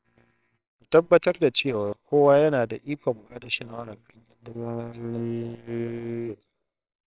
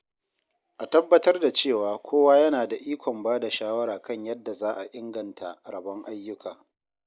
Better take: second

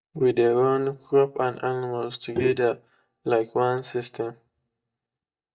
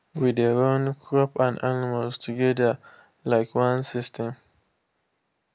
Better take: second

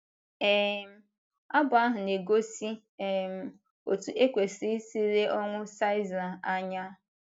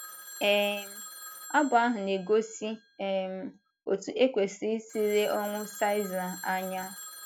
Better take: first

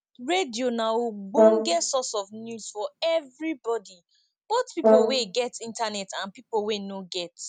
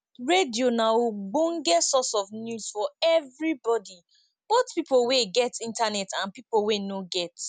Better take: second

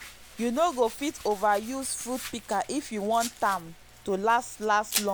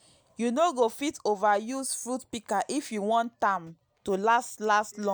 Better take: second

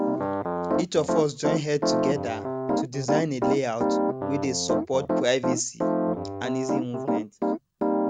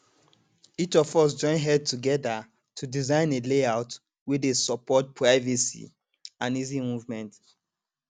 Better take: second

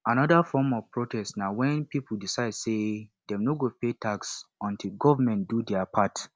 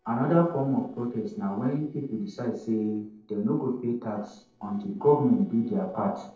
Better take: first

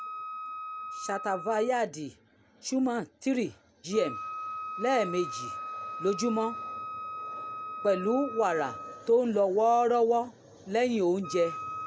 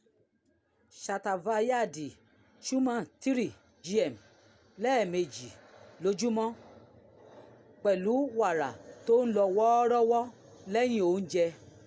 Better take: second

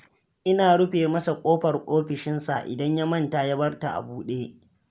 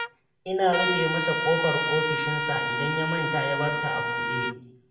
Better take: first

